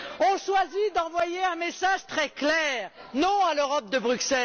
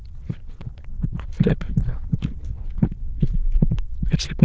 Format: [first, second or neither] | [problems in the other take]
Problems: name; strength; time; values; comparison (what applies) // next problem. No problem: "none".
first | noise reduction (neural diffusion model UNIVERSE++)